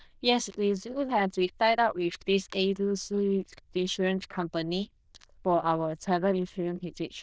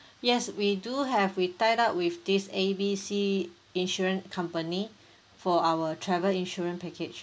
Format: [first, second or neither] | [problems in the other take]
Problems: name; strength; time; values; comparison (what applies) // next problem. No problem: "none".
second | noise reduction (neural diffusion model UNIVERSE++)